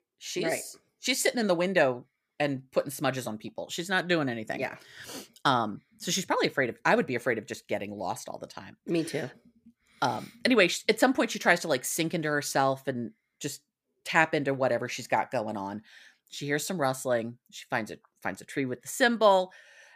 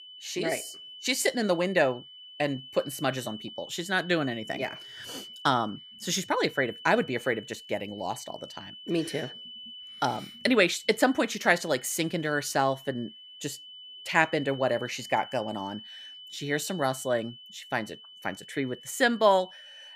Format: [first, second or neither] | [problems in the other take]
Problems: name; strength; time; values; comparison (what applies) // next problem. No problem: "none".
first | high-pitched whine; noticeable; throughout; 3 kHz, 15 dB below the speech